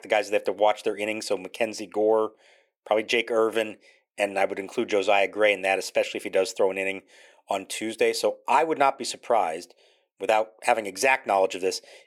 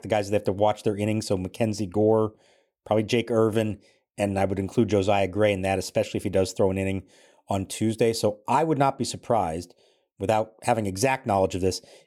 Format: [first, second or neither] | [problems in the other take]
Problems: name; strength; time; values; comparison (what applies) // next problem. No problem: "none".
second | thin; somewhat; fading below 450 Hz